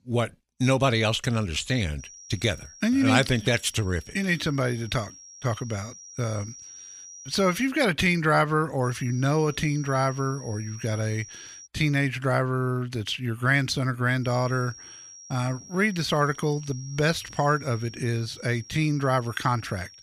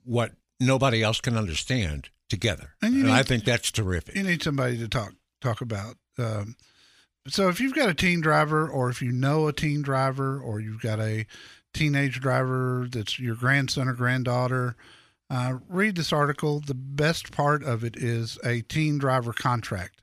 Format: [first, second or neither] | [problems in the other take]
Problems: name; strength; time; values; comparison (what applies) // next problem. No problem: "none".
second | high-pitched whine; noticeable; from 2 to 7.5 s, from 9 to 12 s and from 14 s on; 5.5 kHz, 20 dB below the speech